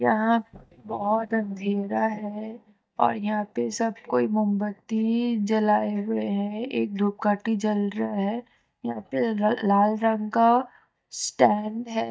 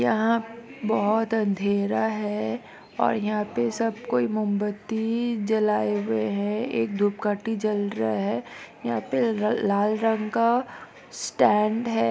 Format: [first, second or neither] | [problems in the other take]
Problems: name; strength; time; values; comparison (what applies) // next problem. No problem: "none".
second | noise reduction (neural mask model DeepFilterNet 3)